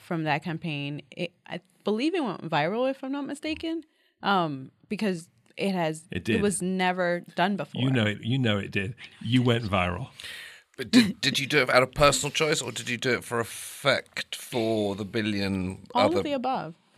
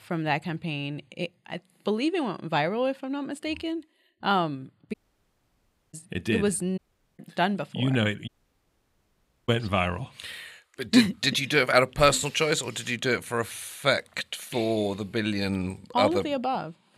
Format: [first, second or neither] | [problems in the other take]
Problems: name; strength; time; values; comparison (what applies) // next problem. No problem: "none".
first | audio cutting out; at 5 s for 1 s, at 7 s and at 8.5 s for 1 s